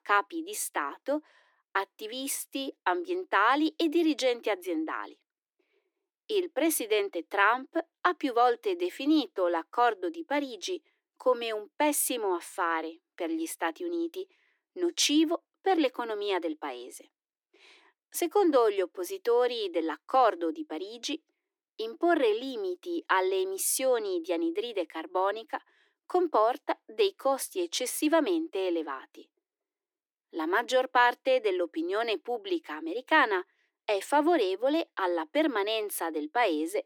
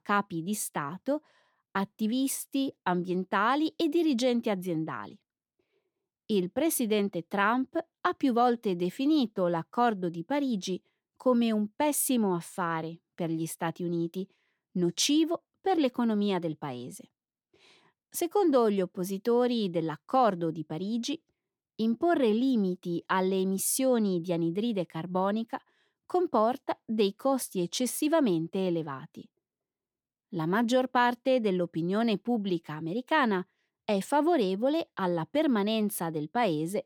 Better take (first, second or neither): second